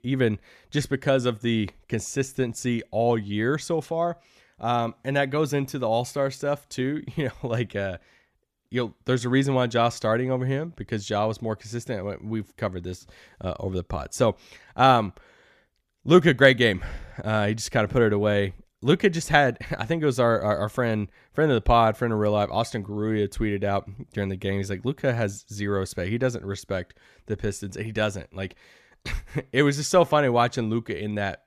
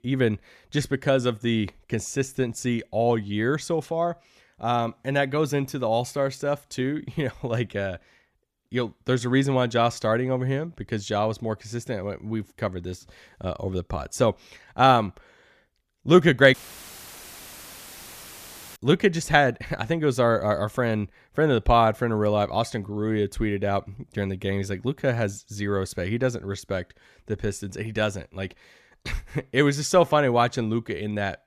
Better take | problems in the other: first | audio cutting out; filled with static; at 17 s for 2 s

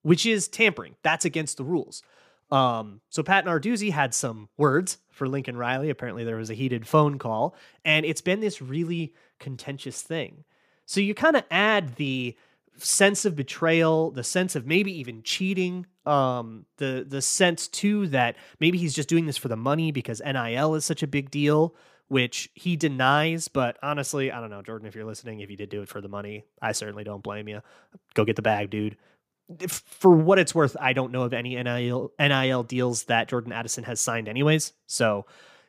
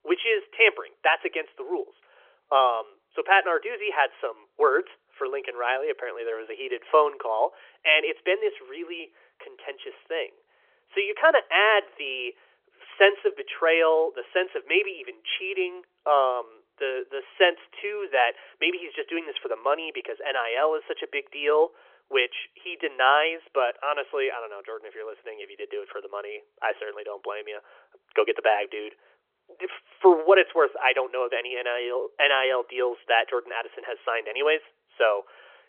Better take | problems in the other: first | phone-call audio; nothing above 3.5 kHz

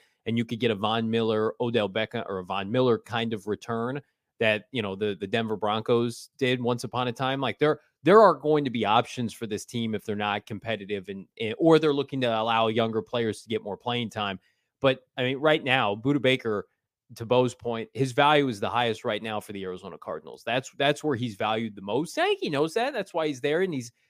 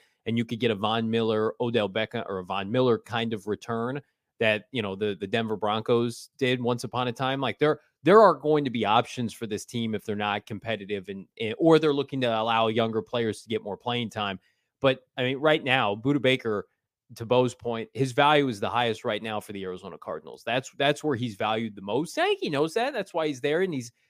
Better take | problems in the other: neither | none

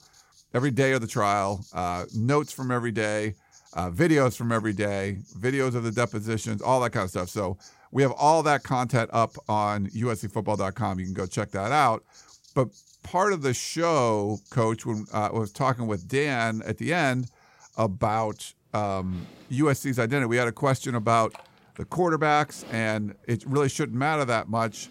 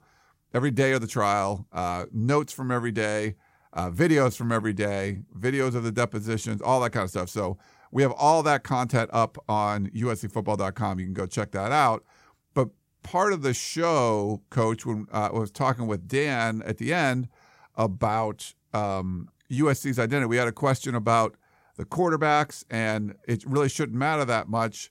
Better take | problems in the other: second | animal sounds; faint; throughout; 30 dB below the speech

